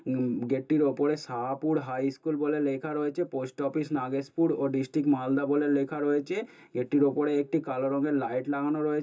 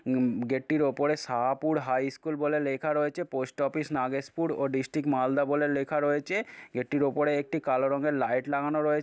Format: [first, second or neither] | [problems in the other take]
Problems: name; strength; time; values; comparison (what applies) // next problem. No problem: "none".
second | room echo; dies away in 0.2 s